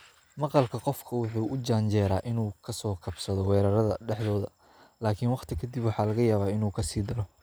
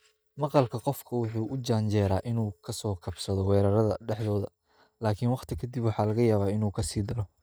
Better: first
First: none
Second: noise reduction (neural mask model DeepFilterNet 3)

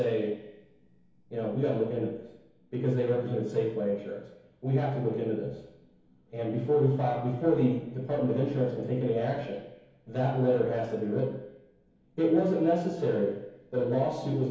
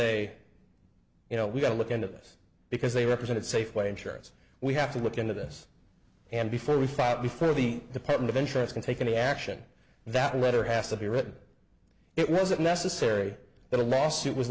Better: second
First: room echo; dies away in 2.2 s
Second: none

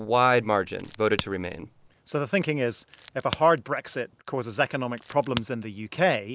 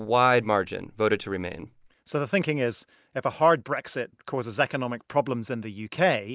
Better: second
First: background sound (Crack); 15 dB below the speech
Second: none

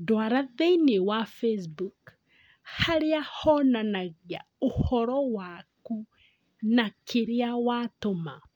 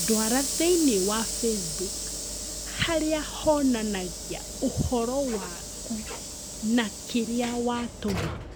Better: first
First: none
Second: background sound (Sliding door / Hiss); 6 dB below the speech

